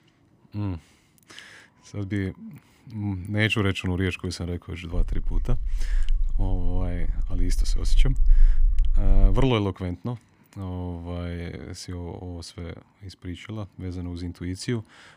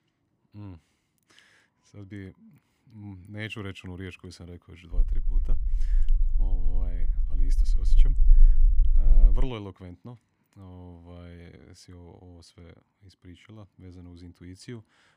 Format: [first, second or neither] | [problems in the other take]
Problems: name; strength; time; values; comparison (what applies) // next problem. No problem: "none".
first | low rumble; loud; from 5 to 9.5 s; 8 dB below the speech; faint in the first